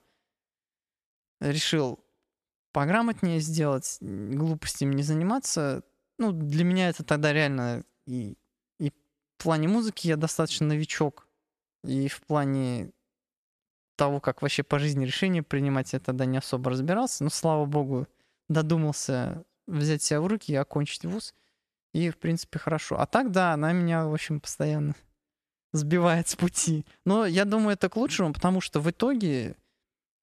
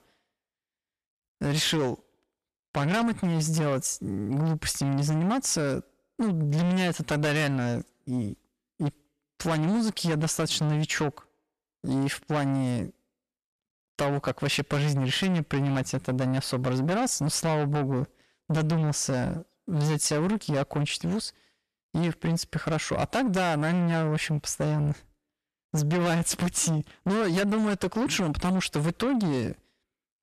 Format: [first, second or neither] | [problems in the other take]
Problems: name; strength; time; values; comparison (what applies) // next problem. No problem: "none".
first | distortion; heavy; 7 dB below the speech